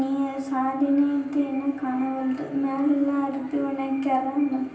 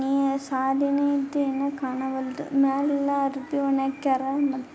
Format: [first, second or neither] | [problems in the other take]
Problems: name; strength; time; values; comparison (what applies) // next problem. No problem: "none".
second | room echo; dies away in 0.6 s